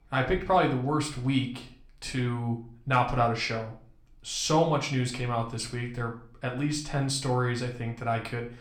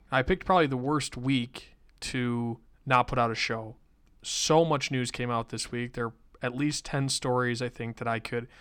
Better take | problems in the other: second | room echo; slight; dies away in 0.4 s // off-mic speech; somewhat distant

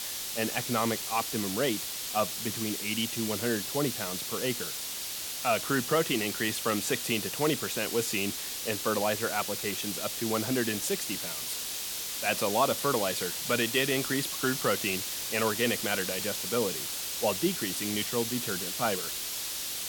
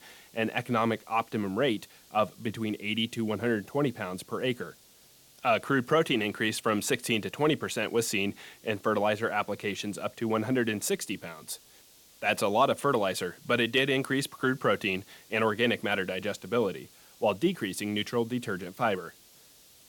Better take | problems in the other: second | hiss; loud; throughout; 1 dB below the speech; faint in the second

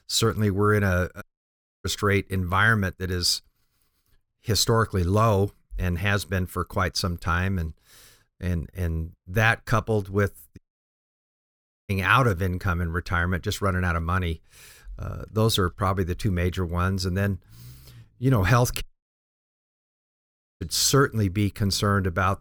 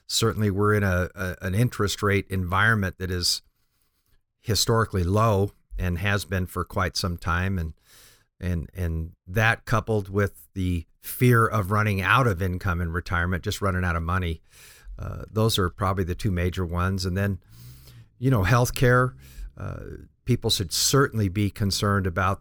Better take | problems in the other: second | audio cutting out; at 1 s for 0.5 s, at 11 s for 1.5 s and at 19 s for 2 s

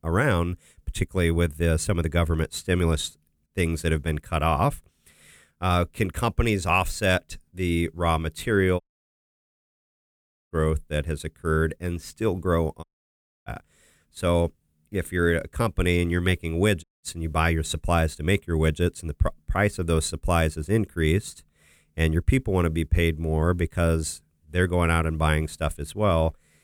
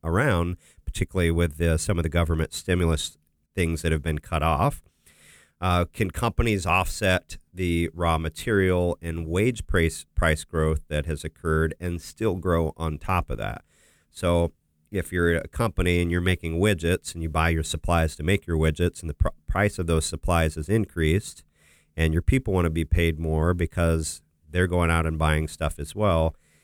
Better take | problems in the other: second | audio cutting out; at 9 s for 1.5 s, at 13 s for 0.5 s and at 17 s

